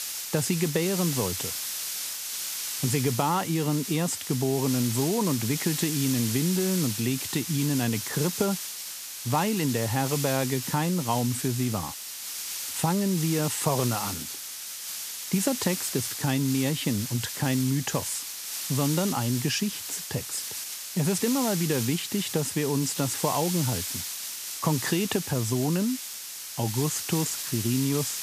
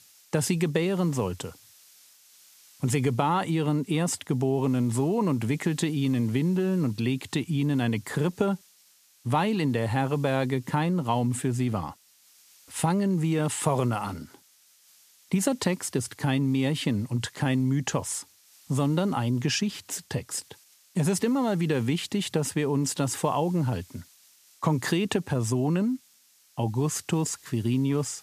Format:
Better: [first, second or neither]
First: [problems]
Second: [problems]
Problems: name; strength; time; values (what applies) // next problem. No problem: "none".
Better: second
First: hiss; loud; throughout; 4 dB below the speech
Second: hiss; faint; throughout; 25 dB below the speech